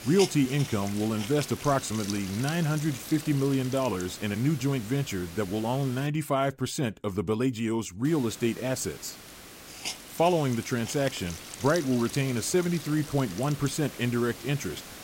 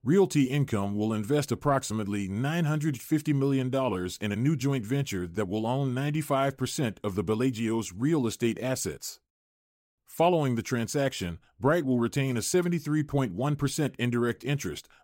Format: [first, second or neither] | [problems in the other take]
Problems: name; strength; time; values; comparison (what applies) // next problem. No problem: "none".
second | hiss; noticeable; until 6 s and from 8 s on; 10 dB below the speech